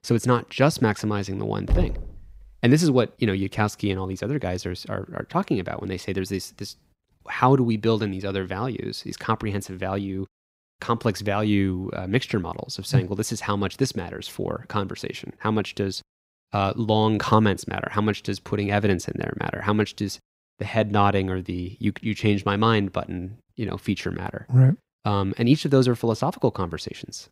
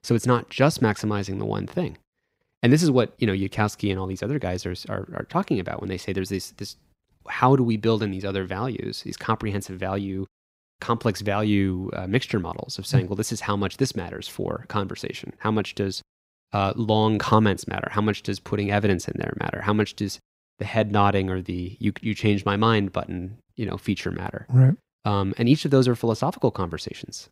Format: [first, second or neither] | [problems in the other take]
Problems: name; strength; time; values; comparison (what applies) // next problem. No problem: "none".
second | door banging; noticeable; at 1.5 s; peak 2 dB below the speech